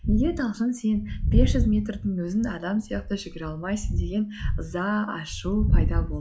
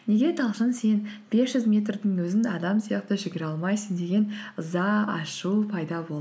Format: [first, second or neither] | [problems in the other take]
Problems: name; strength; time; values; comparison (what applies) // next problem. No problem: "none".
second | noise reduction (classical method log-MMSE)